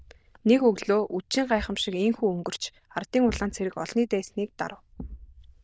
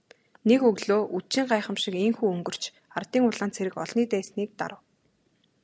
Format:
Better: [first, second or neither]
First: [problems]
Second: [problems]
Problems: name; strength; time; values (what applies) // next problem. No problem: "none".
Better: second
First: noise reduction (neural diffusion model UNIVERSE++)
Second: none